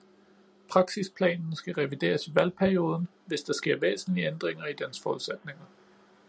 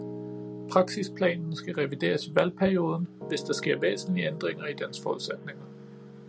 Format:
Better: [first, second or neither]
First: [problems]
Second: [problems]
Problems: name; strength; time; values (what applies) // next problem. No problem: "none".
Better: first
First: none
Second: background sound (Piano); 12 dB below the speech